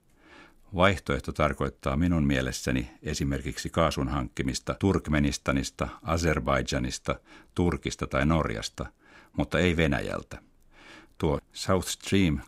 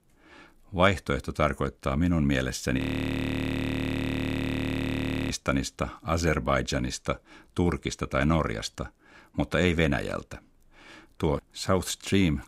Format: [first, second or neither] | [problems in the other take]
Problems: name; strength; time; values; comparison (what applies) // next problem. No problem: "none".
first | audio freezing; at 3 s for 2.5 s